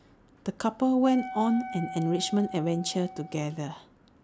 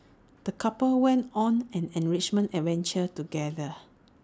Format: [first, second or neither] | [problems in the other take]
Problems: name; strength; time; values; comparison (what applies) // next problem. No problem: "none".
second | background sound (Wind instrument, woodwind instrument); 12 dB below the speech